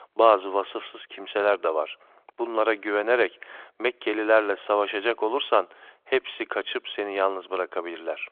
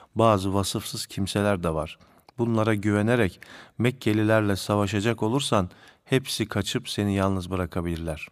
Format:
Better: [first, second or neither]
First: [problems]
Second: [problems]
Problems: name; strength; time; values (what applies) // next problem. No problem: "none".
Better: second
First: phone-call audio; nothing above 3.5 kHz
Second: none